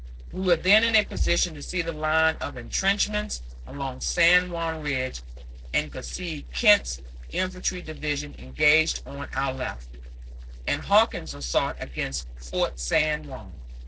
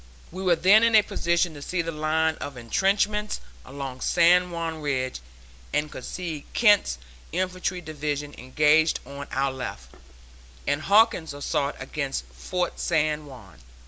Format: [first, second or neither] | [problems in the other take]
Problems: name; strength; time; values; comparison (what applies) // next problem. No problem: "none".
second | noise reduction (neural separator model SepFormer DNS4)